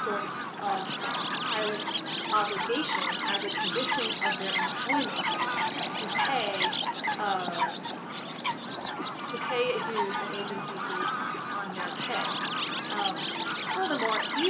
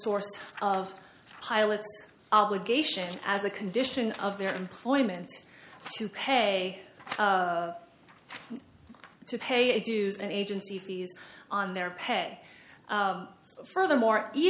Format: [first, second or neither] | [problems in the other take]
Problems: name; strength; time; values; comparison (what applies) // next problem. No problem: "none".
second | background sound (Chirp, tweet); 3 dB above the speech // room echo; dies away in 0.8 s